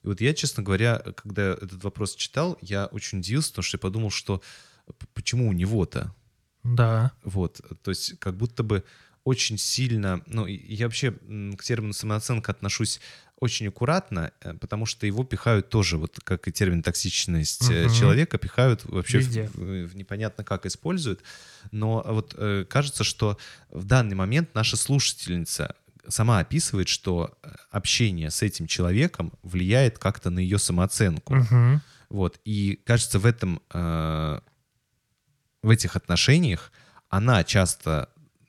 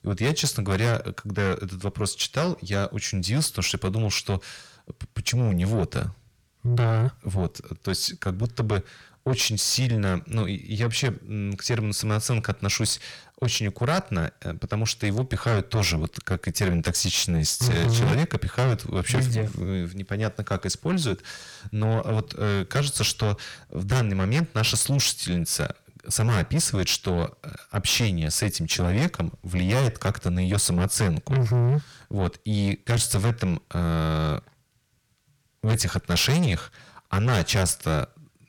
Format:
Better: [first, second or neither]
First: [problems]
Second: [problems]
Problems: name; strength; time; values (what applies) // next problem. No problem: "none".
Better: first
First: none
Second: distortion; heavy; 7 dB below the speech